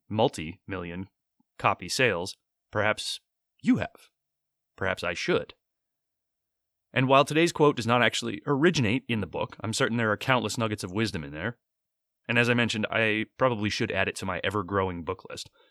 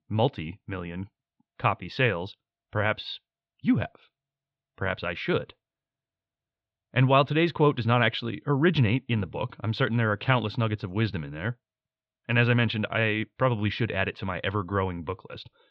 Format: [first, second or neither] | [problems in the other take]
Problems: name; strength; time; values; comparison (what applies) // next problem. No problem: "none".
first | muffled; slightly; fading above 4 kHz